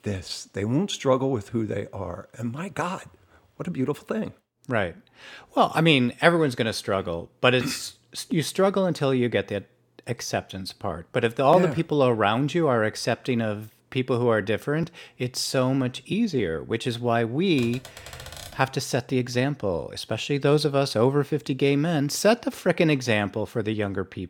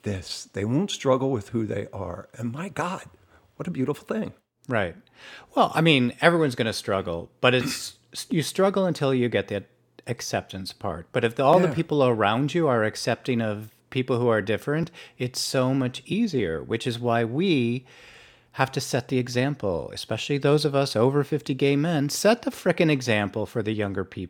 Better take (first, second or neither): second